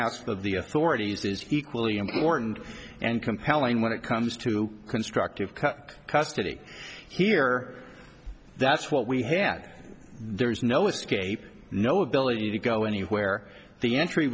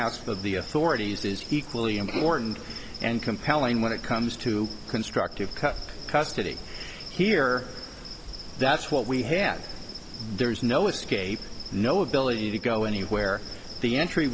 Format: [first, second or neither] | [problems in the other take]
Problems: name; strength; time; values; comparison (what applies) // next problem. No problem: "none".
first | background sound (Insect); 11 dB below the speech